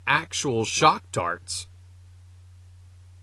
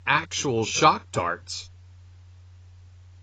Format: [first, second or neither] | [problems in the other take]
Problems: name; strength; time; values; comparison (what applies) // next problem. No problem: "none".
first | garbled, watery; badly; slightly in the first